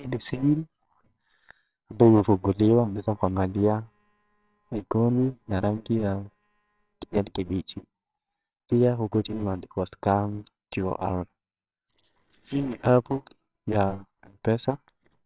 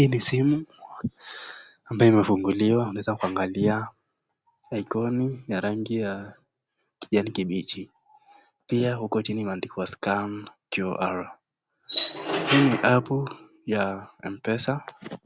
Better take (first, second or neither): second